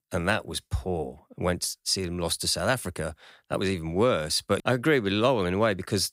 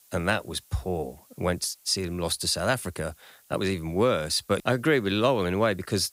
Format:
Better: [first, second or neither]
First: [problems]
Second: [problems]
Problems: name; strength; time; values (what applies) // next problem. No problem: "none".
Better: first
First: none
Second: hiss; faint; throughout; 30 dB below the speech